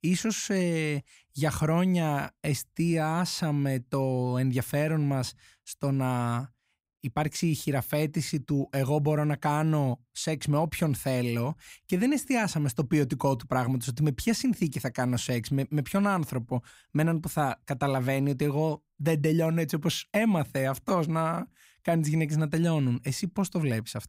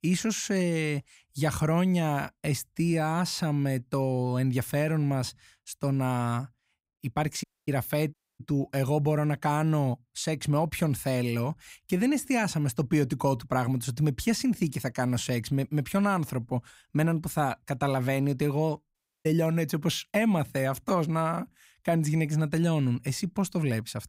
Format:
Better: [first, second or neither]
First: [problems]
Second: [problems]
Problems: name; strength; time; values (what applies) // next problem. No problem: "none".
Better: first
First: none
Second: audio cutting out; at 7.5 s, at 8 s and at 19 s